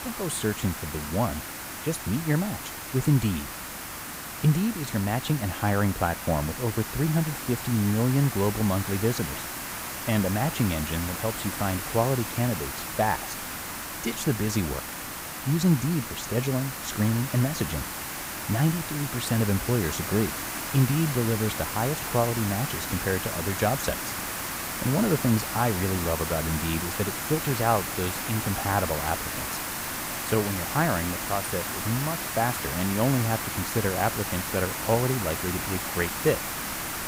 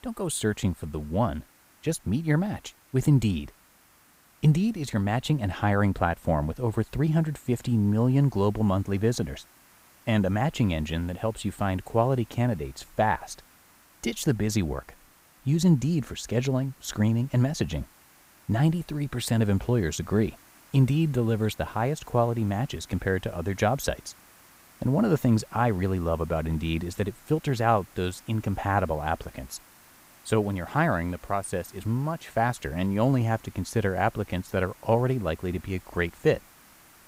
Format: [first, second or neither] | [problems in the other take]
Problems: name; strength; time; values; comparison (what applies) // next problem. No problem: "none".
second | hiss; loud; throughout; 4 dB below the speech; faint in the second